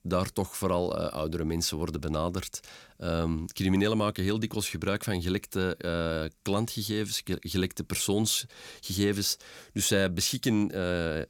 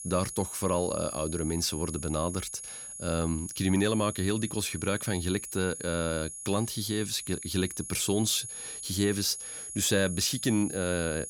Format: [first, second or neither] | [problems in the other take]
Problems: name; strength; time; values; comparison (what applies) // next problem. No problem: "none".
first | high-pitched whine; loud; throughout; 10.5 kHz, 8 dB below the speech